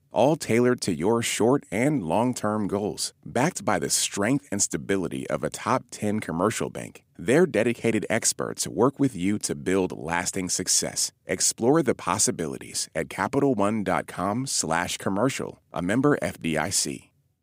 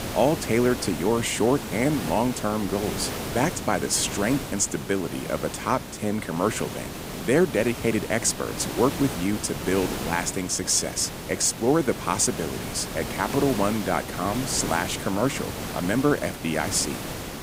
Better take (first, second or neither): first